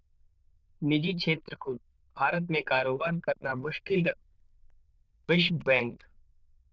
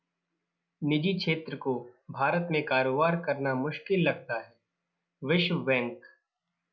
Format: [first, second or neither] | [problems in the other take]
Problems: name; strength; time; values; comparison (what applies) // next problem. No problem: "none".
second | noise reduction (neural diffusion model UNIVERSE++)